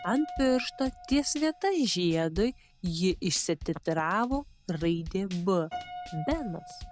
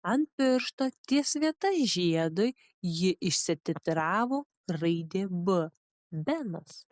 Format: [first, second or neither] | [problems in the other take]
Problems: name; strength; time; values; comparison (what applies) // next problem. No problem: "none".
second | background sound (Piano + Drum kit); 14 dB below the speech